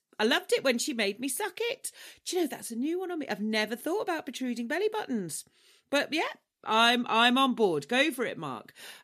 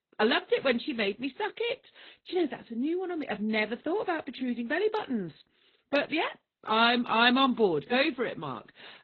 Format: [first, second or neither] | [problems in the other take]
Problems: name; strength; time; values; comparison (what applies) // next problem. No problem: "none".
first | garbled, watery; badly; nothing above 4 kHz